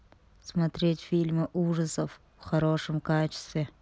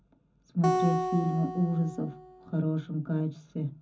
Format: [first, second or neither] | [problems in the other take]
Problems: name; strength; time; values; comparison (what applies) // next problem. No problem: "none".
first | background sound (Acoustic guitar); 3 dB below the speech // room echo; dies away in 0.3 s